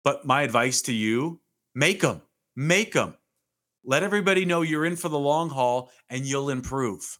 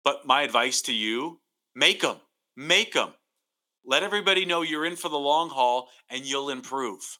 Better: first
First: none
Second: thin; somewhat; fading below 250 Hz

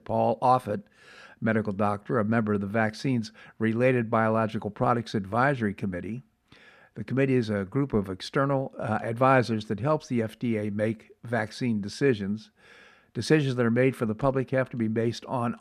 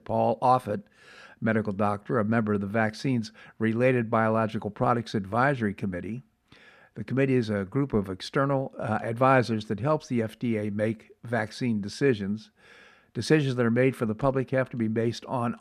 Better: neither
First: muffled; slightly; fading above 3.5 kHz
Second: muffled; slightly; fading above 3.5 kHz

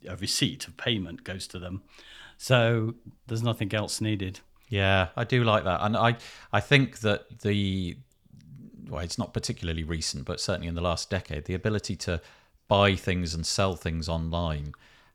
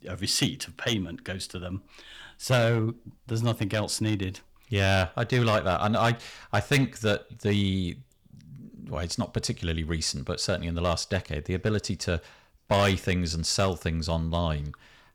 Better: first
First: none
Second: distortion; slight; 3% of the sound clipped

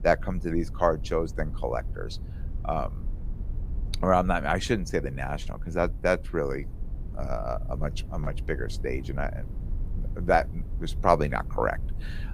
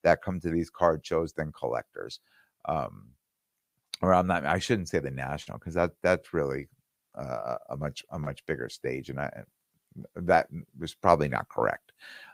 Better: second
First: low rumble; faint; throughout; 25 dB below the speech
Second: none

